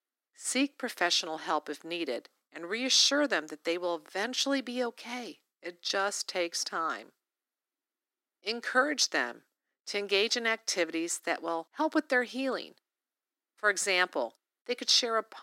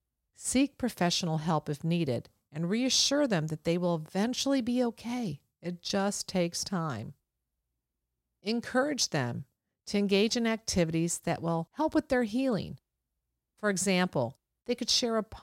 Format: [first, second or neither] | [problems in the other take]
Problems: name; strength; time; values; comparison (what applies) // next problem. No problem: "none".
second | thin; somewhat; fading below 300 Hz